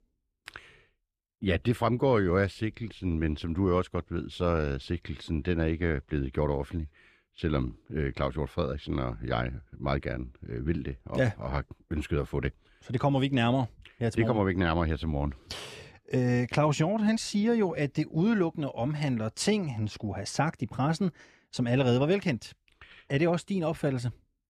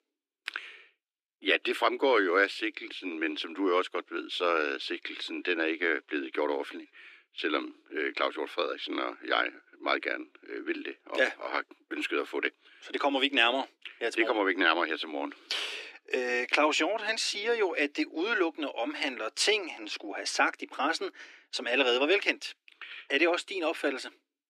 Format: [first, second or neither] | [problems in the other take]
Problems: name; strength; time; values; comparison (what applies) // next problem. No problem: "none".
first | thin; somewhat; fading below 300 Hz